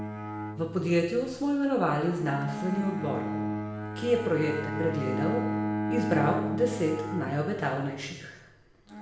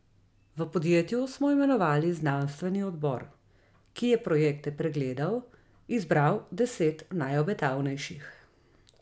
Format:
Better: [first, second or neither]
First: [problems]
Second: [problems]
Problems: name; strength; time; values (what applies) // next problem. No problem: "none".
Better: second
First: background sound (Bowed string instrument); 5 dB below the speech // room echo; dies away in 0.9 s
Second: none